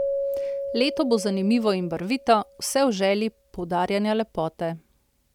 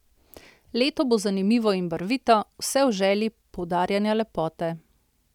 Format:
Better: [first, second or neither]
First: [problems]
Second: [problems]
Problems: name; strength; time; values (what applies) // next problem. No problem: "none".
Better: second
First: background sound (Keyboard (musical)); 9 dB below the speech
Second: none